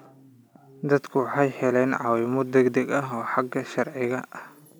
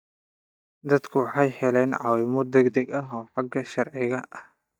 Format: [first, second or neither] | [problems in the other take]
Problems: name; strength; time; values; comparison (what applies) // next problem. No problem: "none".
first | noise reduction (neural mask model DeepFilterNet 3)